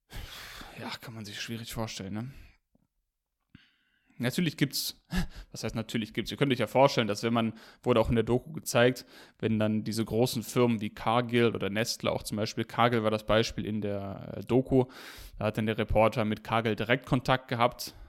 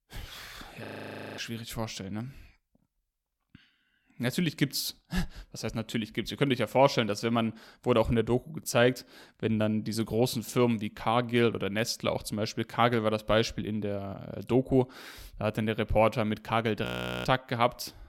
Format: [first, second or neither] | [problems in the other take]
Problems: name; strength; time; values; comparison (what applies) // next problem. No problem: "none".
first | audio freezing; at 1 s for 0.5 s and at 17 s